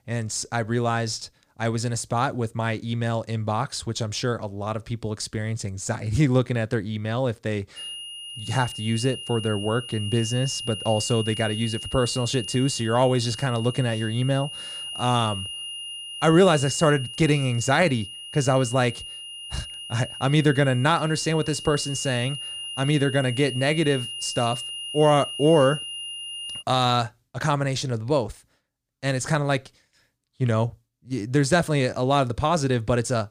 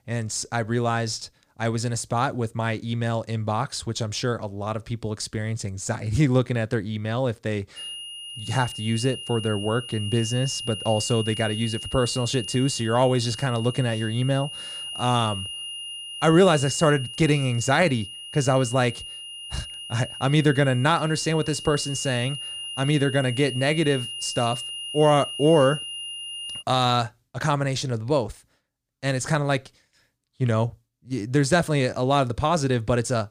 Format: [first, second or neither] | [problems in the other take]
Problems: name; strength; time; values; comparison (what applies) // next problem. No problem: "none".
neither | high-pitched whine; loud; from 8 to 27 s; 3 kHz, 9 dB below the speech; the same in both